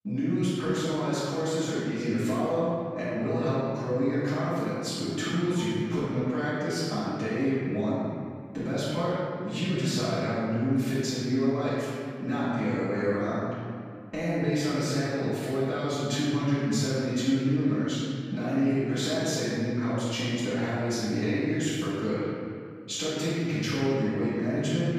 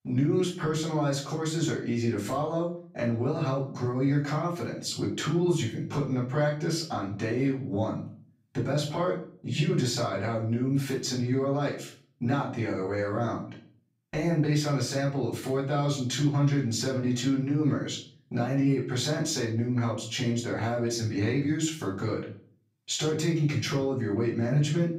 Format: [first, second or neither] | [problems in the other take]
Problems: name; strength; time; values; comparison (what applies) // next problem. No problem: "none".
second | room echo; strong; dies away in 2.1 s; slight in the second // off-mic speech; far; far in the second